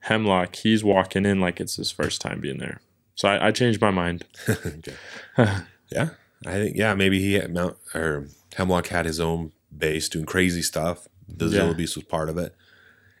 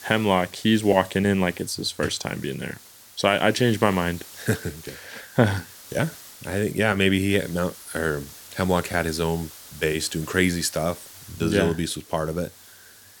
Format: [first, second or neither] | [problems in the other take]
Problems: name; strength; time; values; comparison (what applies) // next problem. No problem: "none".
first | hiss; noticeable; throughout; 20 dB below the speech